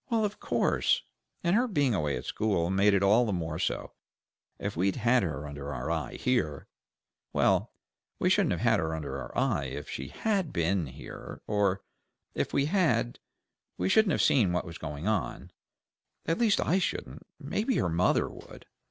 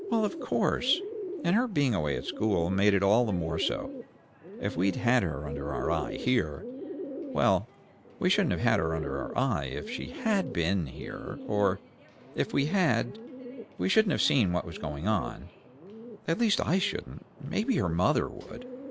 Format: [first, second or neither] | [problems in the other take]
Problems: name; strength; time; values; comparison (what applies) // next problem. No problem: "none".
first | background sound (Bird); 11 dB below the speech